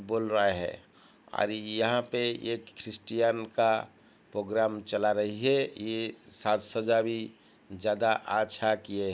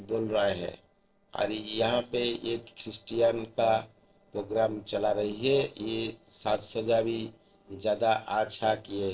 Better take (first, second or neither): first